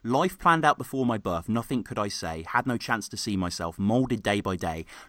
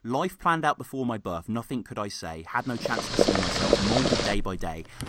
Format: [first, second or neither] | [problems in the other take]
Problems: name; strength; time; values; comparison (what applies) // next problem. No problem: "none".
first | household noises; very loud; from 3 s on; 4 dB above the speech